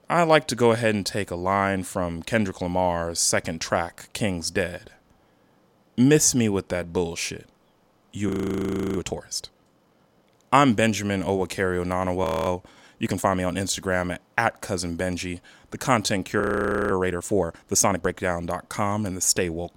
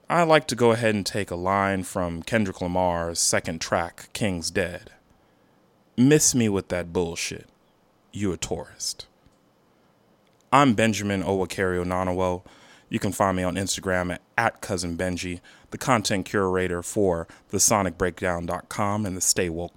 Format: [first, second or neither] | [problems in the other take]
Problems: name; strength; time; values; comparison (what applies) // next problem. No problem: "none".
second | audio freezing; at 8.5 s for 0.5 s, at 12 s and at 16 s for 0.5 s